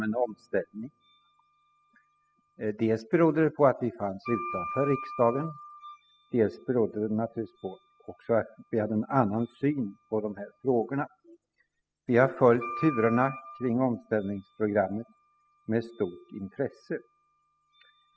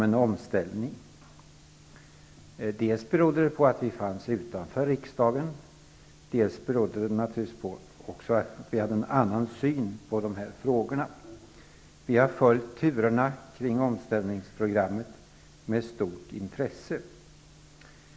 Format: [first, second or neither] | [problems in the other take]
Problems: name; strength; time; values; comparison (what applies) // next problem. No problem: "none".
second | noise reduction (classical method spectral subtraction)